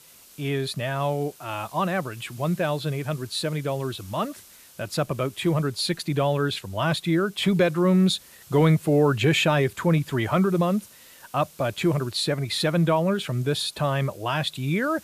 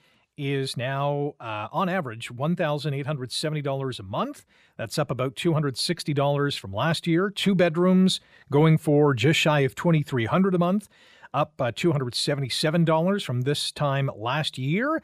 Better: second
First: hiss; faint; throughout; 25 dB below the speech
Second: none

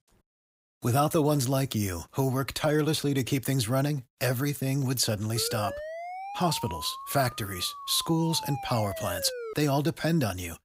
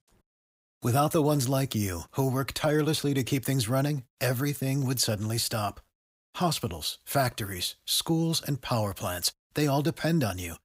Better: second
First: siren; noticeable; from 5.5 to 9.5 s; peak 9 dB below the speech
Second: none

